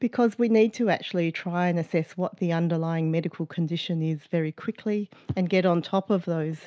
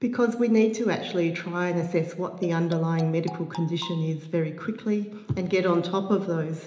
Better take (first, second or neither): first